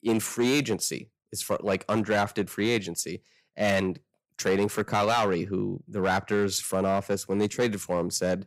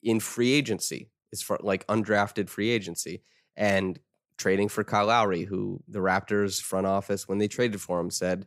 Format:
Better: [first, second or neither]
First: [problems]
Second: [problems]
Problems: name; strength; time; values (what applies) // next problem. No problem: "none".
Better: second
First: distortion; slight; 6% of the sound clipped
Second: none